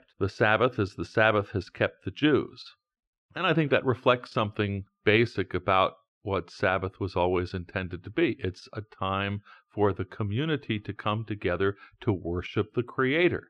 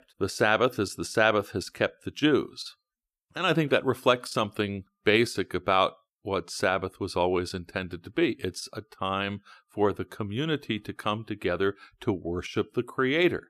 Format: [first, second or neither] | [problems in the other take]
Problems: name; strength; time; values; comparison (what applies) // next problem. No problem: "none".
second | muffled; slightly; fading above 2.5 kHz